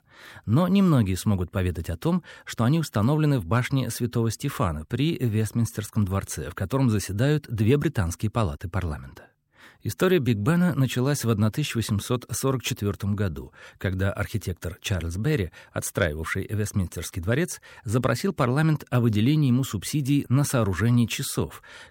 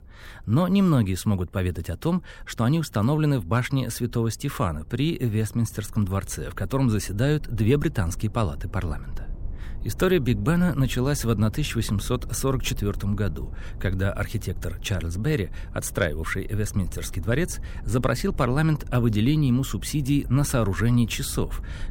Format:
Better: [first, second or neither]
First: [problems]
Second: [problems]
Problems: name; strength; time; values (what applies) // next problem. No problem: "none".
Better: first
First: none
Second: low rumble; faint; throughout; 25 dB below the speech